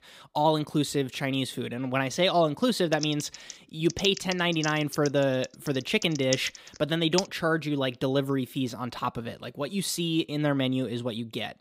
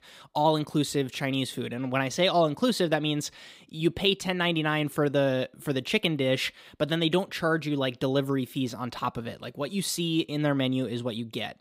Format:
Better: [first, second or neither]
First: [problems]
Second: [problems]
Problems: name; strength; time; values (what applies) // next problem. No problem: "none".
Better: second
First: keyboard typing; noticeable; from 3 to 7 s; peak 6 dB below the speech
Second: none